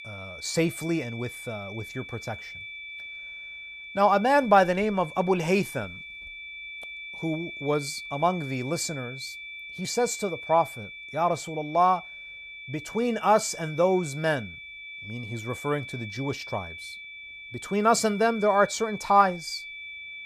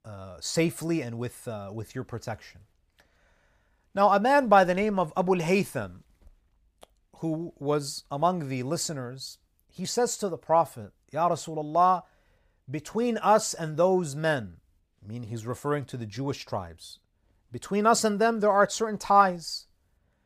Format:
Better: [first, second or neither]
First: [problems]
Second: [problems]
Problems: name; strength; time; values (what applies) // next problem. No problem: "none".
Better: second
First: high-pitched whine; noticeable; throughout; 2.5 kHz, 10 dB below the speech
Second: none